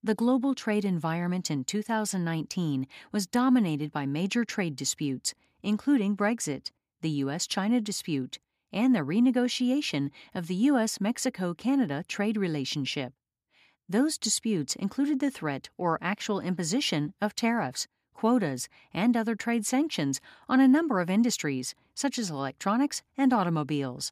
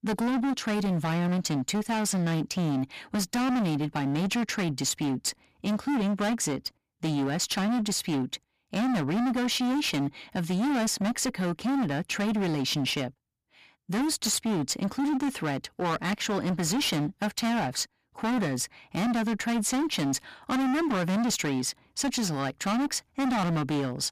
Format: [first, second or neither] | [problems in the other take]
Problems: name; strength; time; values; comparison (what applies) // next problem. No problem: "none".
first | distortion; heavy; 31% of the sound clipped